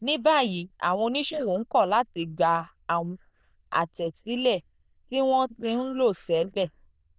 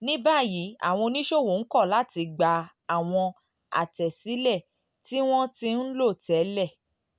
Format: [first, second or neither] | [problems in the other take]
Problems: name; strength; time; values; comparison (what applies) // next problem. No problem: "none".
second | noise reduction (neural diffusion model UNIVERSE++)